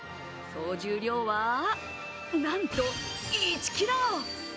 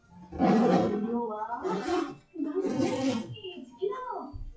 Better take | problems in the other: first | noise reduction (classical method WPE with log-MMSE)

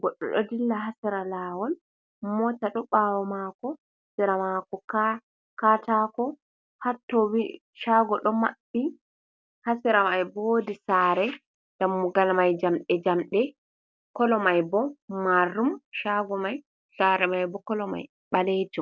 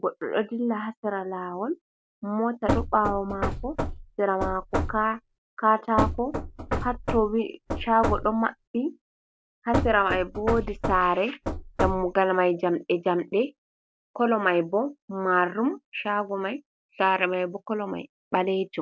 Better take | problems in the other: first | background sound (Knock / Wood); 4 dB below the speech

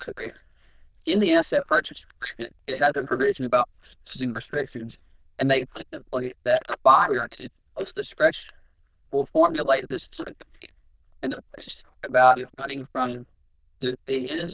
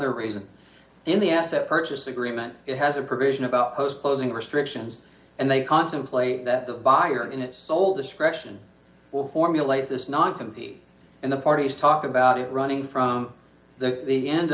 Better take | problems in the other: second | noise reduction (neural diffusion model UNIVERSE++)

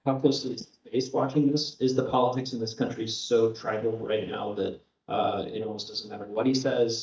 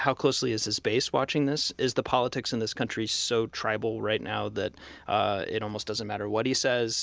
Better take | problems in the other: second | noise reduction (neural mask model DeepFilterNet 3)

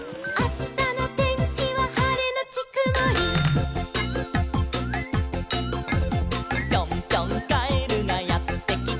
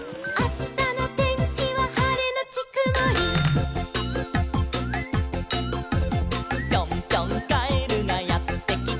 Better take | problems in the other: second | background sound (Chink, clink); 14 dB below the speech

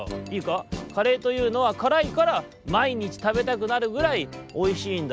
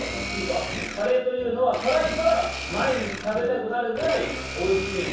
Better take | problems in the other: first | background sound (Domestic sounds, home sounds); 8 dB below the speech // room echo; dies away in 0.7 s

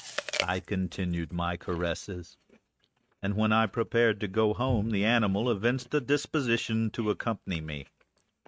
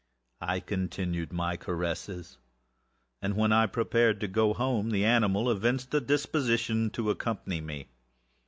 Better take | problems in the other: second | noise reduction (neural mask model RNNoise)

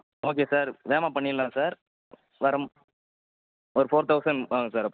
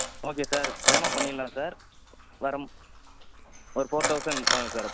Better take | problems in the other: first | background sound (Coin (dropping)); 3 dB above the speech

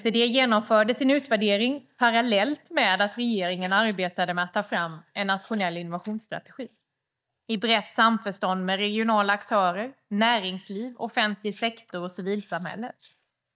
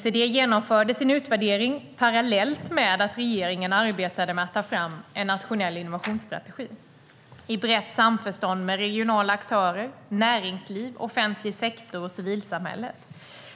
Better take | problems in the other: second | noise reduction (neural mask model DeepFilterNet 3)

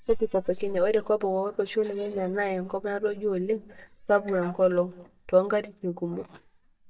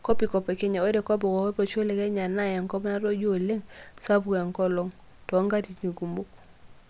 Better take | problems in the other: second | noise reduction (neural mask model DeepFilterNet 3)

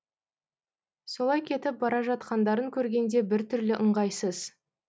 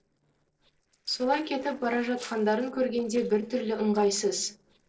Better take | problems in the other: first | noise reduction (neural separator model SepFormer DNS4)

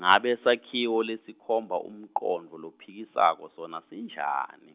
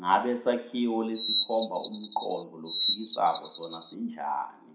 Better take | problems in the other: first | background sound (Bird vocalization, bird call, bird song); 1 dB below the speech // room echo; dies away in 0.5 s

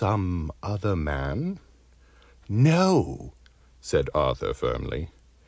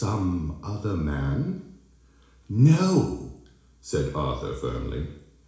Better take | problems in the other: first | room echo; dies away in 0.7 s

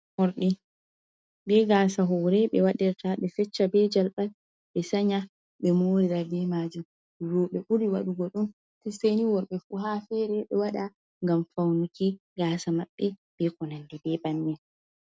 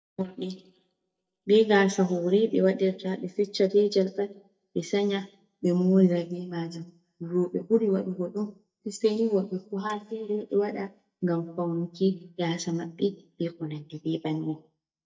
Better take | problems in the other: first | noise reduction (neural mask model DeepFilterNet 3)

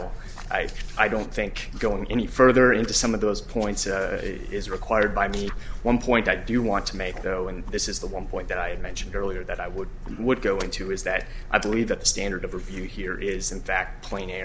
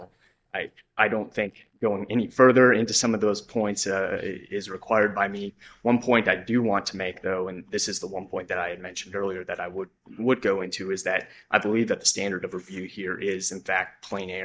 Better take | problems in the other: first | noise reduction (neural mask model DeepFilterNet 3)

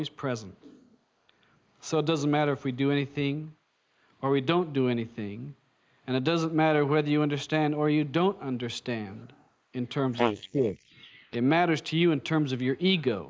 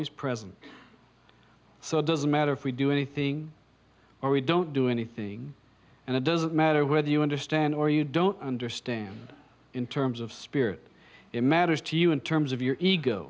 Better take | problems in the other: second | noise reduction (neural mask model Resemble Enhance denoiser)

